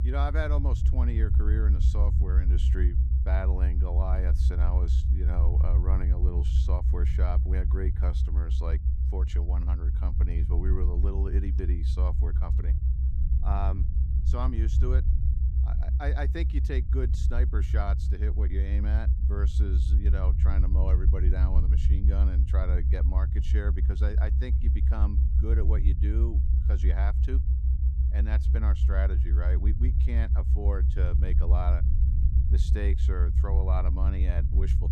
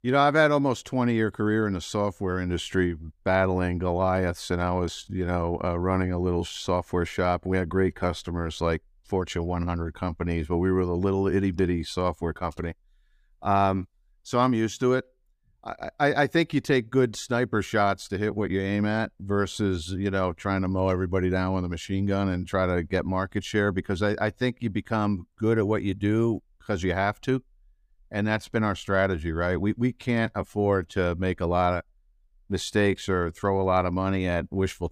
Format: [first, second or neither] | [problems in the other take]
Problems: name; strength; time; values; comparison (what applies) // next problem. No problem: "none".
second | low rumble; loud; throughout; 4 dB below the speech